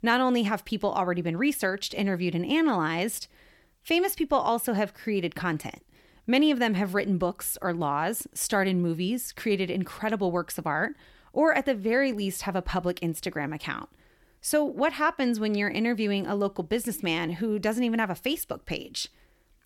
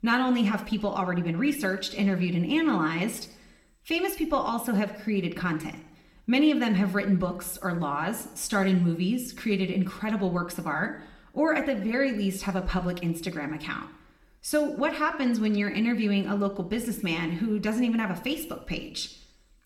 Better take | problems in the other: first | room echo; very slight; dies away in 0.7 s

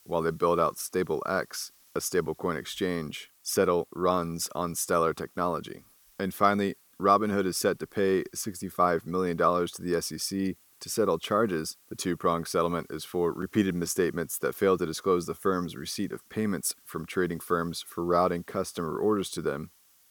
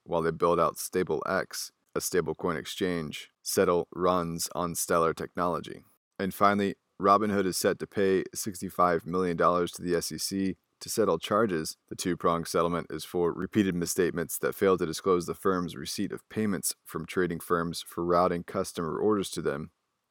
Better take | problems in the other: second | hiss; faint; throughout; 30 dB below the speech

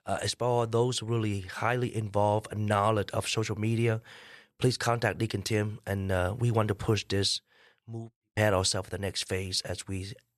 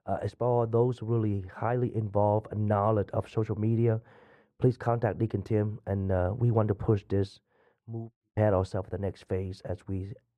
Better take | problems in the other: first | muffled; very; fading above 2 kHz

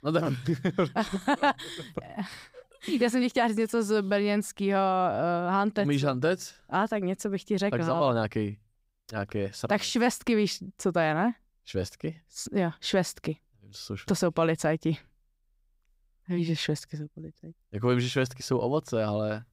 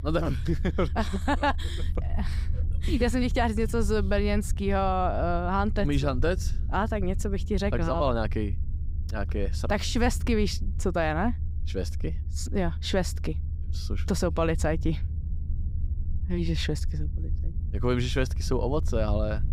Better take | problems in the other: first | low rumble; noticeable; throughout; 20 dB below the speech

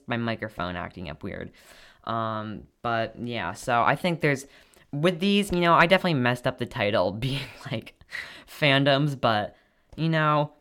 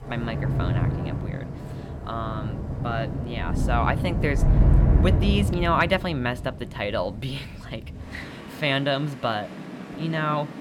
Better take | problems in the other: first | rain or running water; very loud; throughout; 1 dB above the speech

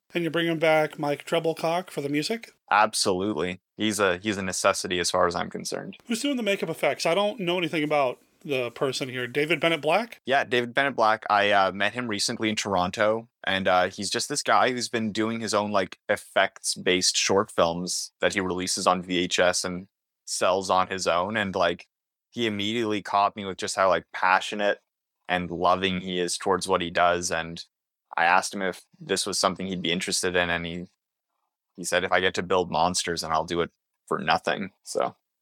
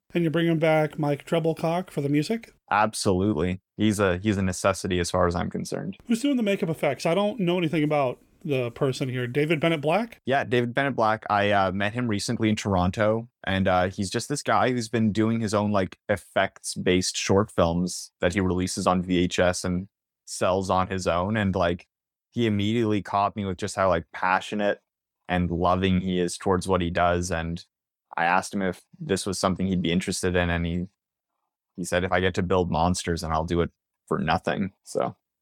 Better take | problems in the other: second | thin; very slightly; fading below 550 Hz

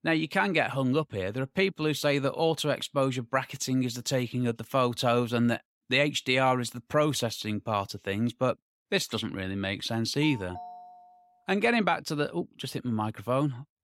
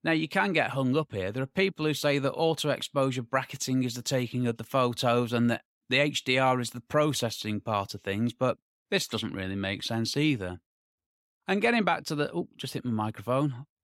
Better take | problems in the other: second | phone ringing; faint; at 10 s; peak 15 dB below the speech

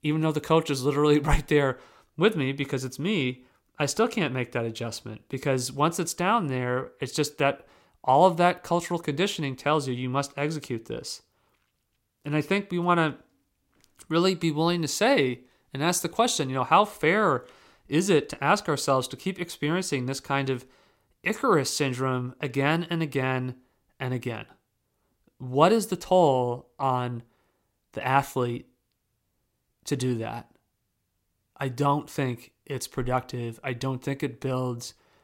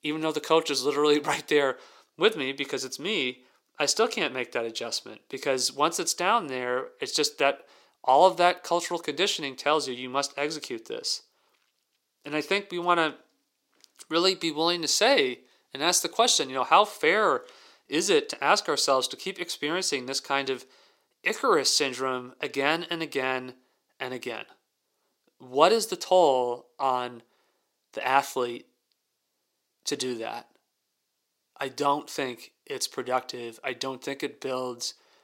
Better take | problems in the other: first | thin; somewhat; fading below 400 Hz

